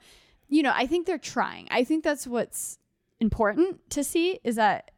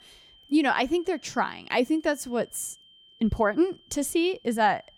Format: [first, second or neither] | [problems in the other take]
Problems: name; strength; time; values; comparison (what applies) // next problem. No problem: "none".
first | high-pitched whine; faint; throughout; 3 kHz, 25 dB below the speech